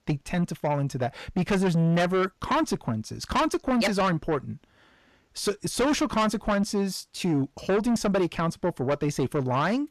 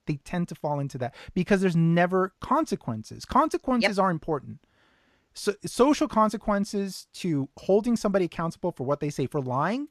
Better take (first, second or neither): second